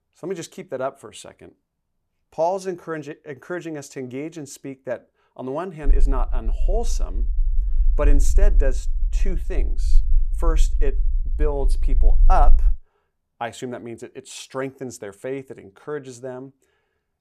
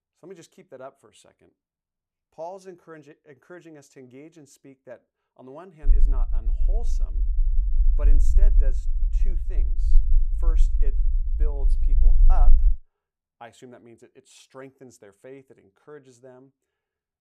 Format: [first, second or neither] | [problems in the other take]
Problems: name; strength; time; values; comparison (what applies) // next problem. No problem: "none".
first | low rumble; loud; from 6 to 13 s; 7 dB below the speech; faint in the first